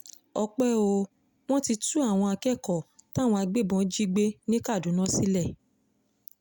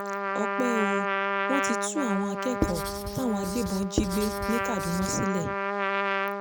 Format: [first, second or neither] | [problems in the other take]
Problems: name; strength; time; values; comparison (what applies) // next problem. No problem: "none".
first | background sound (Trumpet + Writing); 1 dB above the speech